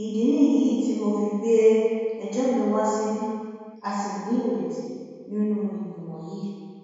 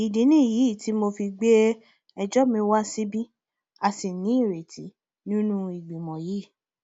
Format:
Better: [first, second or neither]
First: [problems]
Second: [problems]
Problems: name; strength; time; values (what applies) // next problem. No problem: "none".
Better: second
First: room echo; dies away in 1.9 s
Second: none